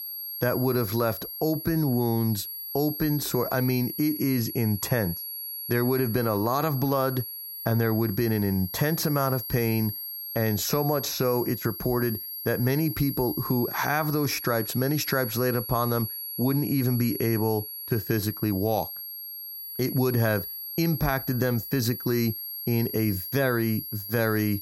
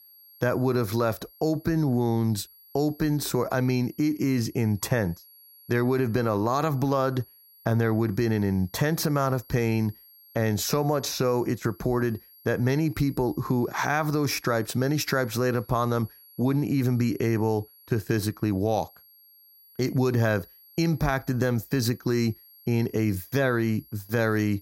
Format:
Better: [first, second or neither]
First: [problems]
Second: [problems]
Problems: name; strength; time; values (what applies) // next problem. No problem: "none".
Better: second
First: high-pitched whine; loud; throughout; 11.5 kHz, 7 dB below the speech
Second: high-pitched whine; faint; throughout; 11.5 kHz, 25 dB below the speech